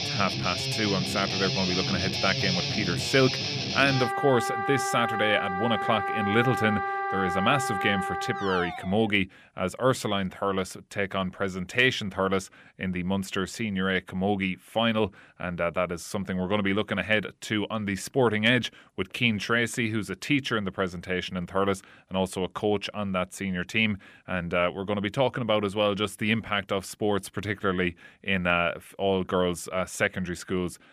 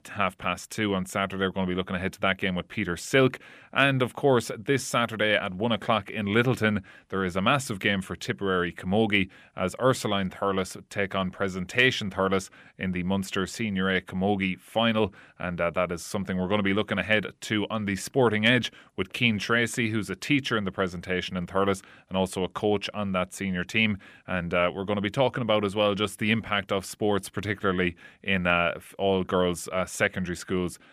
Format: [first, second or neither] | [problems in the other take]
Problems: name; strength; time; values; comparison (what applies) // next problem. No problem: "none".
second | background music; loud; until 8.5 s; 1 dB below the speech